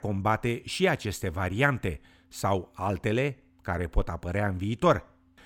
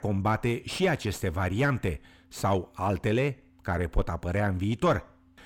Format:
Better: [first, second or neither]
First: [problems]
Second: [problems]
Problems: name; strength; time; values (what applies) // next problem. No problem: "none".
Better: first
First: none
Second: distortion; slight; 10 dB below the speech